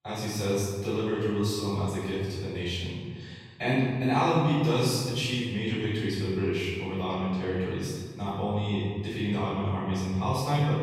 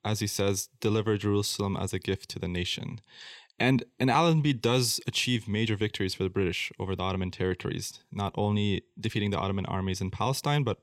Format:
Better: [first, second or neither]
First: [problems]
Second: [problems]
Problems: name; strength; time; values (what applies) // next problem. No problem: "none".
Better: second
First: off-mic speech; far // room echo; strong; dies away in 1.6 s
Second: none